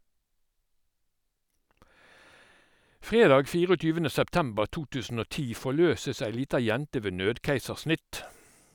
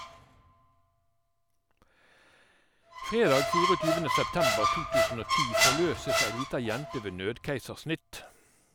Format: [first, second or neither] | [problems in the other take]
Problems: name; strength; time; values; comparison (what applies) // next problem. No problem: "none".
first | background sound (Squeak); 2 dB above the speech